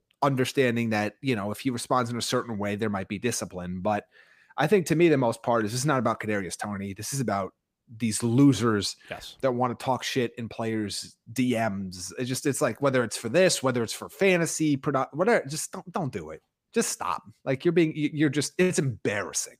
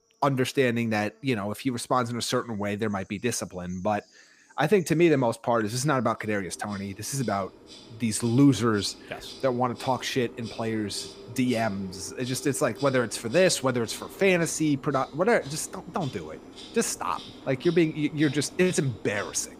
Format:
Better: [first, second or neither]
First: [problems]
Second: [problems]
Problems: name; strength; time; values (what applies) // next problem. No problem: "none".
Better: first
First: none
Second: animal sounds; noticeable; throughout; 20 dB below the speech